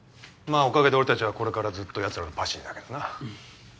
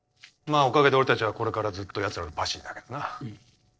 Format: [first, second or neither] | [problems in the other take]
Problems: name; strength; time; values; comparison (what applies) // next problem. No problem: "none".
first | noise reduction (neural separator model SepFormer DNS4)